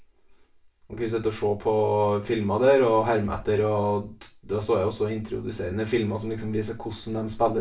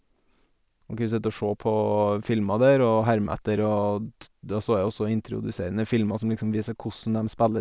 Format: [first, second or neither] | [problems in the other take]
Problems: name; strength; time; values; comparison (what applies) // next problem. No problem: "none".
second | room echo; dies away in 0.3 s